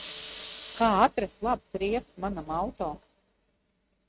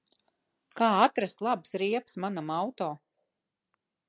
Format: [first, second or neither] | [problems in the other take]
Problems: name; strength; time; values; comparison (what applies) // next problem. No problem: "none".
second | noise reduction (neural mask model RNNoise)